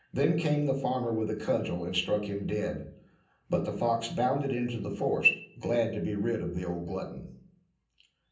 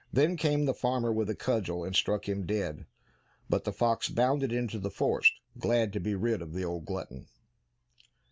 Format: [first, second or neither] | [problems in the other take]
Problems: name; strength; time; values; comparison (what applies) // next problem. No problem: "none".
second | room echo; dies away in 0.6 s